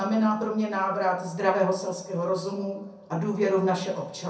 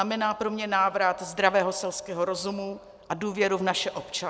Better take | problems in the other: second | room echo; dies away in 0.6 s

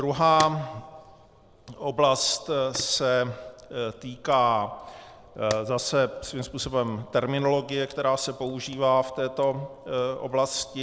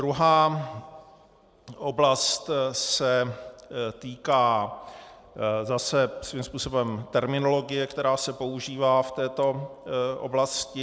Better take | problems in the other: second | background sound (Fire); 20 dB below the speech

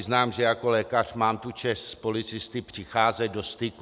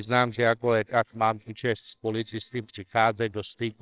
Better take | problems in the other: first | noise reduction (neural separator model SepFormer WHAMR!)

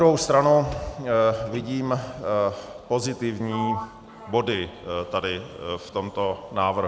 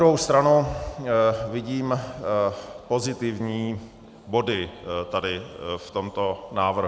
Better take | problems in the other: second | background sound (Sliding door); 16 dB below the speech

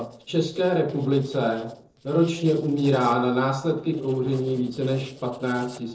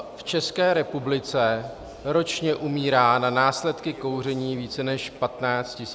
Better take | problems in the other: second | noise reduction (neural separator model SepFormer DNS4)

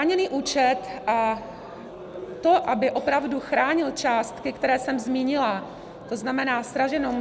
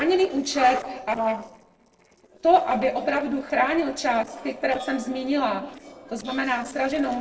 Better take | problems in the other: first | noise reduction (neural separator model SepFormer DNS4)

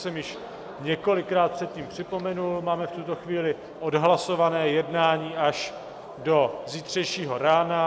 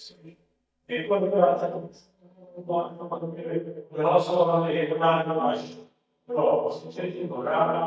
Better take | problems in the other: first | noise reduction (neural mask model DeepFilterNet 3)

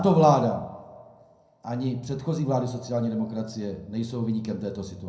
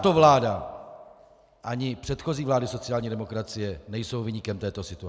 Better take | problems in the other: second | room echo; dies away in 0.6 s

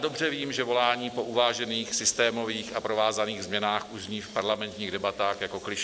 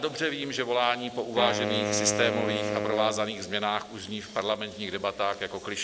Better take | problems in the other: first | background sound (Wind instrument, woodwind instrument); 3 dB below the speech

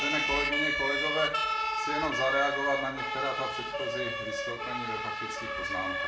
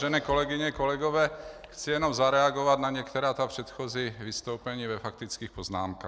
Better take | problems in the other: second | background sound (Siren); 3 dB above the speech // room echo; dies away in 0.4 s

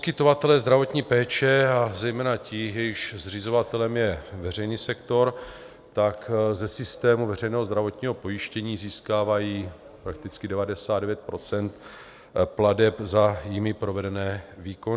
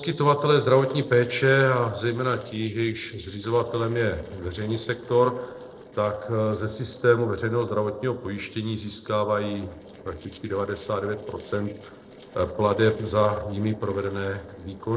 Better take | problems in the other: first | noise reduction (neural separator model SepFormer DNS4)

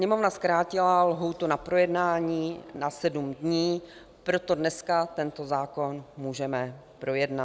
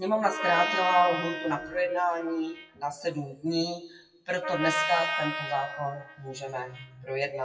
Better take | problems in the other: first | noise reduction (classical method WPE with log-MMSE)

